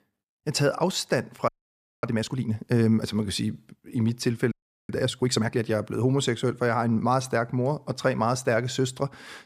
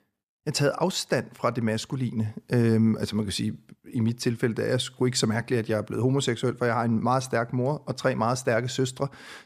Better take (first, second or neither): second